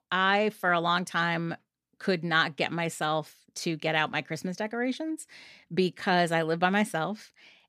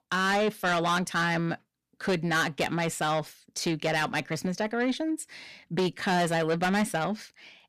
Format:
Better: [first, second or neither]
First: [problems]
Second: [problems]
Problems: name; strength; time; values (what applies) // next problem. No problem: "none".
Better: first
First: none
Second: distortion; heavy; 7 dB below the speech